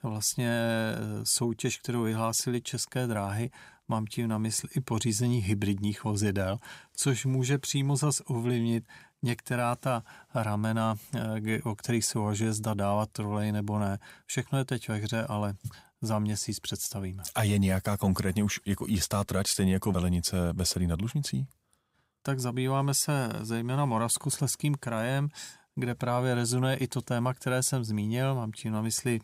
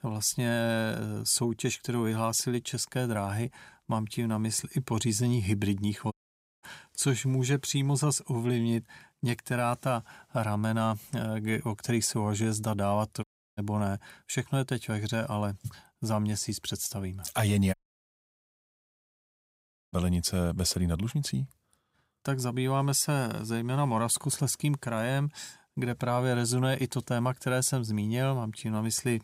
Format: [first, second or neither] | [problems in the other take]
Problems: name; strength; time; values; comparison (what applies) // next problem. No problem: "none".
first | audio cutting out; at 6 s for 0.5 s, at 13 s and at 18 s for 2 s